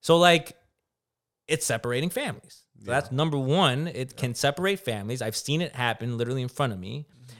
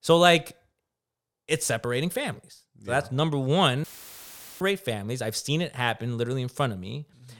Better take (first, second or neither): first